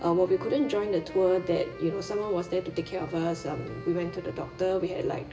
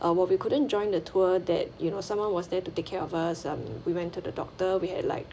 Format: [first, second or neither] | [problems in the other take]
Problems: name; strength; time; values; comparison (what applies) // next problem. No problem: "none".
second | background sound (Wind instrument, woodwind instrument); 17 dB below the speech // room echo; dies away in 1.1 s